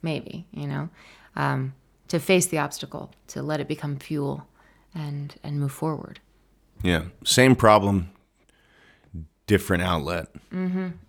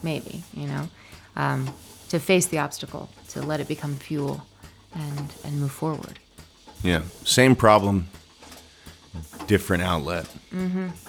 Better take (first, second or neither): first